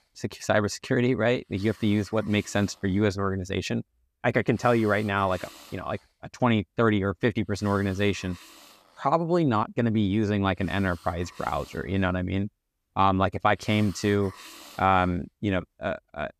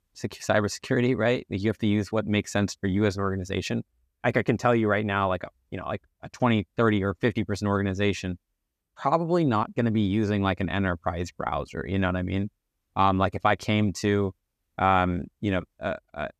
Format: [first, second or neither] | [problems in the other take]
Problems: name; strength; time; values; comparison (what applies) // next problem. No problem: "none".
second | hiss; faint; throughout; 20 dB below the speech